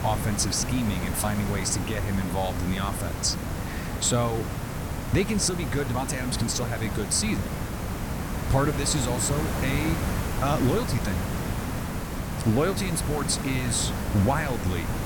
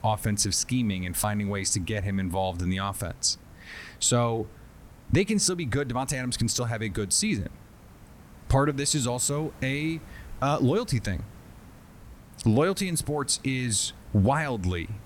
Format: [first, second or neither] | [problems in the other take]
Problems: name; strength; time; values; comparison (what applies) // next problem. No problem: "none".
second | hiss; loud; throughout; 4 dB below the speech; faint in the second